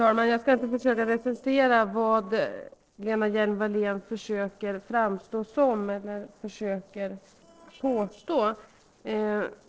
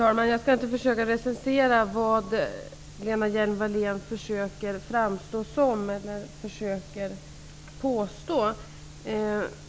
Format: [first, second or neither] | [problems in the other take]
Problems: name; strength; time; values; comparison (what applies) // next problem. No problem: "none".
second | noise reduction (neural separator model SepFormer DNS4)